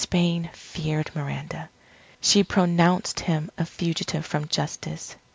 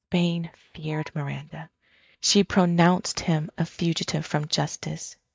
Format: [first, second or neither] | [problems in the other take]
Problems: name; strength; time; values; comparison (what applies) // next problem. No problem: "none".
first | noise reduction (neural mask model DeepFilterNet 3)